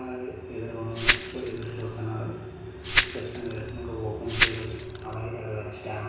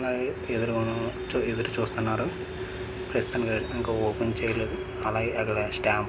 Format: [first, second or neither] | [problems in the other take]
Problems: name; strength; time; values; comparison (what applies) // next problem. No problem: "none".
second | background sound (Glass); 3 dB above the speech // room echo; dies away in 1.1 s